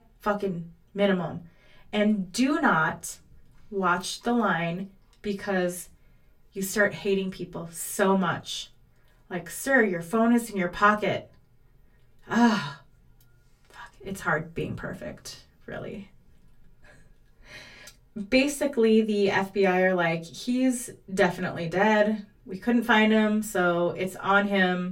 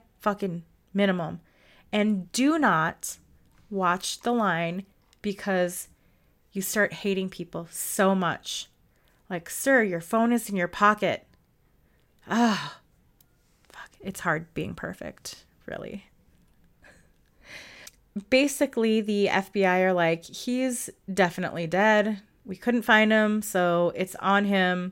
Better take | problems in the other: second | off-mic speech; far // room echo; very slight; dies away in 0.2 s

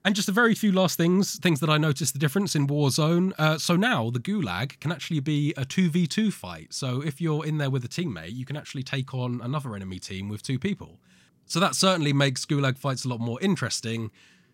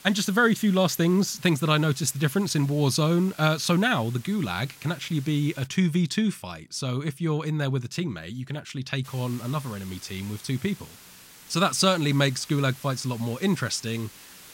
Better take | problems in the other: first | hiss; faint; until 5.5 s and from 9 s on; 20 dB below the speech

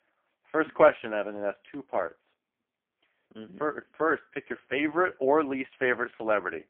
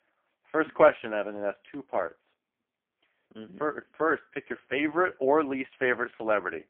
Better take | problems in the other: neither | phone-call audio; poor line; nothing above 3 kHz; the same in both

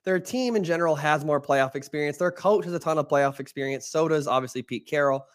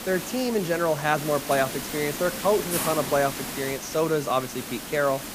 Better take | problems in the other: first | hiss; loud; throughout; 6 dB below the speech

